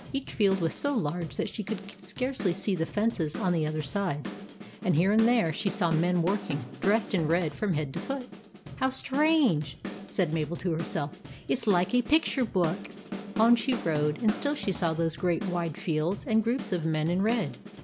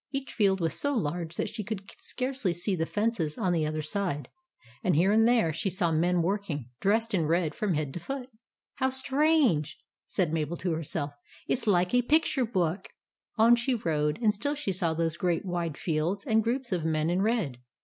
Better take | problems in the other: second | background sound (Drum / Drum kit); 12 dB below the speech

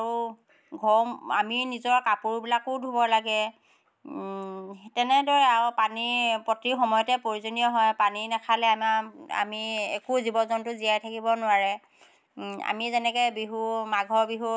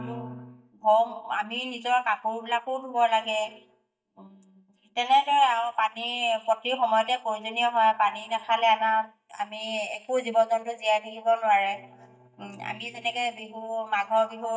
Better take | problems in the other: first | noise reduction (neural mask model DeepFilterNet 3)

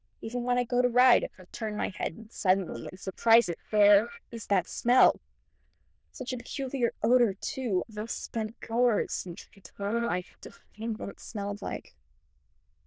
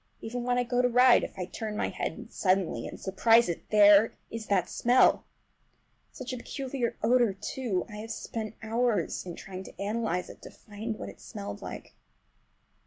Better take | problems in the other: second | noise reduction (neural diffusion model UNIVERSE++)

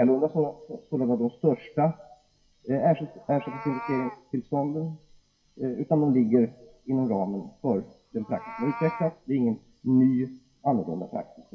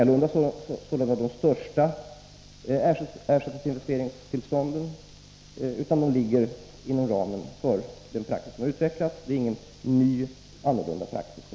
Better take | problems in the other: second | noise reduction (classical method WPE with log-MMSE)

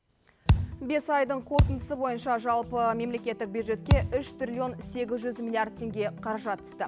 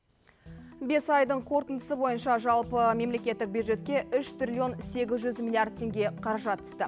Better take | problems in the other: second | background sound (Thump, thud); 3 dB above the speech

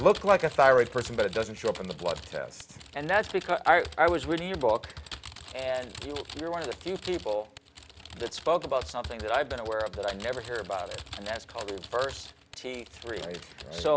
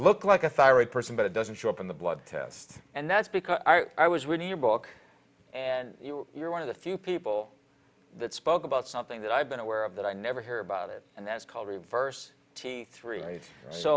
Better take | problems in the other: second | background sound (Typing); 15 dB below the speech

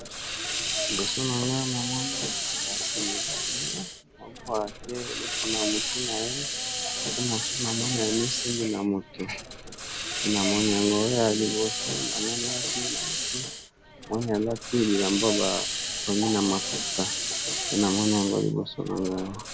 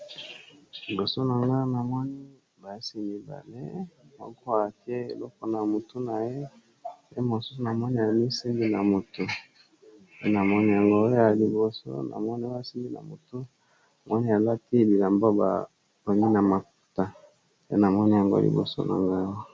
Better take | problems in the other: second | background sound (Hiss); 1 dB below the speech

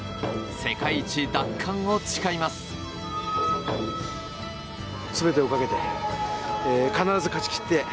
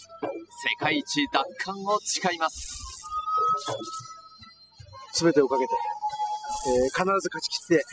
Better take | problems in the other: first | noise reduction (classical method spectral subtraction)

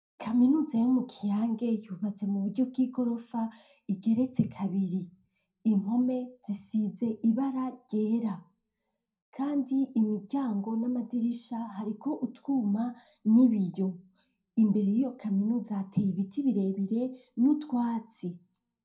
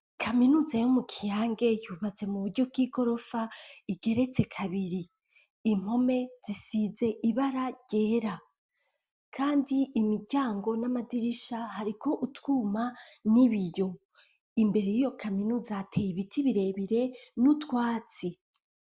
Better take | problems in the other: second | room echo; dies away in 0.2 s

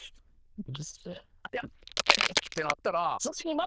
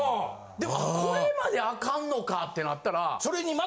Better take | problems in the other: second | noise reduction (neural diffusion model UNIVERSE++)

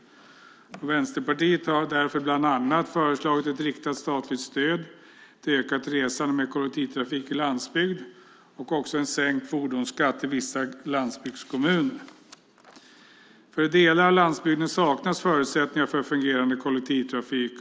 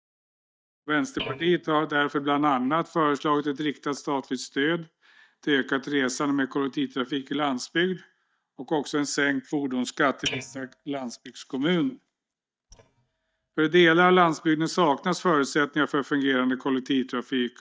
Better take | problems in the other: first | noise reduction (neural mask model DeepFilterNet 3)

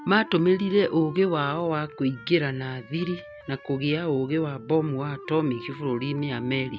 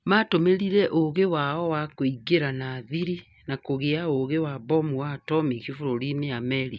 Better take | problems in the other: second | background sound (Wind instrument, woodwind instrument); 17 dB below the speech

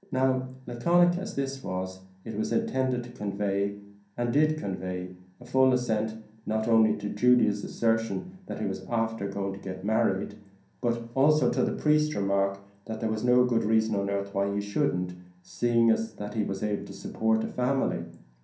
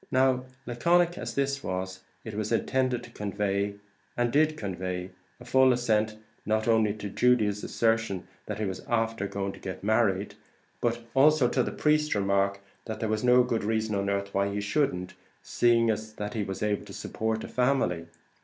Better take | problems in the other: second | room echo; dies away in 0.6 s

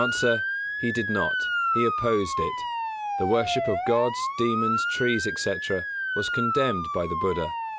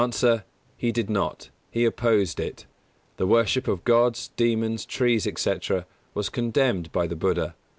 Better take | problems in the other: second | background sound (Motor vehicle (road) / Siren); as loud as the speech

